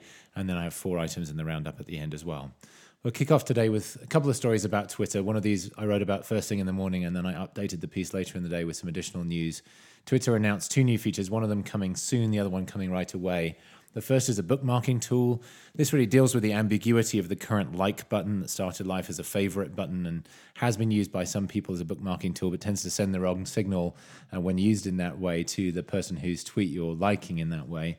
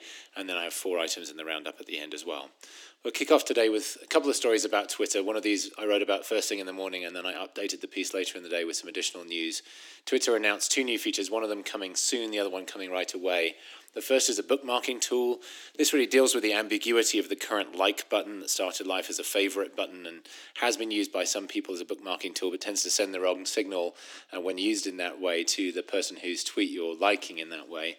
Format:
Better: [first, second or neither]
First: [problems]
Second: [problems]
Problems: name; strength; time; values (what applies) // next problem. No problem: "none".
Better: first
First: none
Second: thin; somewhat; fading below 300 Hz